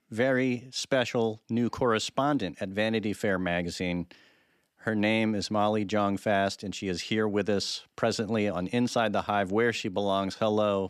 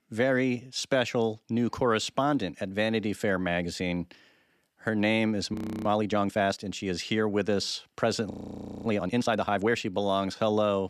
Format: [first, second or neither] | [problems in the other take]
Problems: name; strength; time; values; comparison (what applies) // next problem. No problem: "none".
first | audio freezing; at 5.5 s and at 8.5 s for 0.5 s